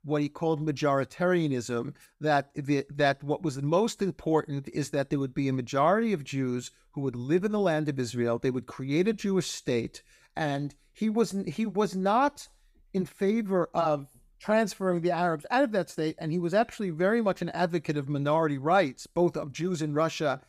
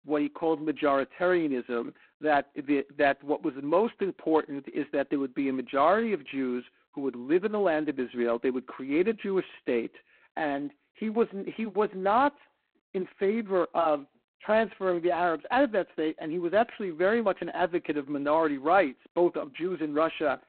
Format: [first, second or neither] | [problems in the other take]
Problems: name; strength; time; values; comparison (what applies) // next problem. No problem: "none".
first | phone-call audio; poor line; nothing above 4 kHz